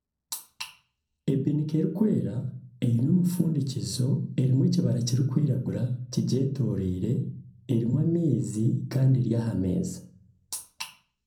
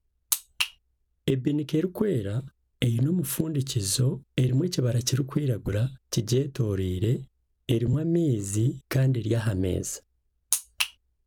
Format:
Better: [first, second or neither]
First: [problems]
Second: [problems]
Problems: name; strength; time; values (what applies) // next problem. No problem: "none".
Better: second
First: room echo; dies away in 0.5 s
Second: none